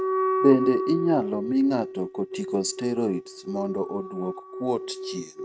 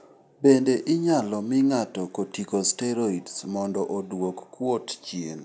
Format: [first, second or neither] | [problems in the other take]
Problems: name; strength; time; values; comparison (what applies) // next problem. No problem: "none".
second | noise reduction (neural mask model RNNoise)